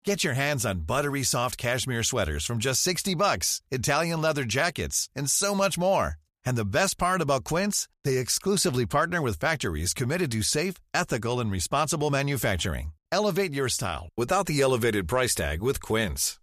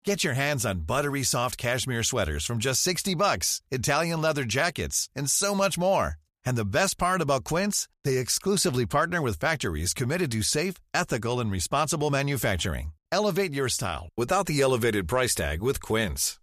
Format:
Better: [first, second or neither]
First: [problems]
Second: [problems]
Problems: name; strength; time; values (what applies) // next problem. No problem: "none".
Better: neither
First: none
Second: none